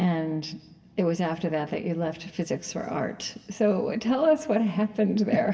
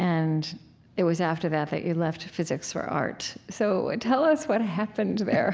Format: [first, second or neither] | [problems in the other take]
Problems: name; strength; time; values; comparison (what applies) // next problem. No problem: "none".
second | room echo; dies away in 1.3 s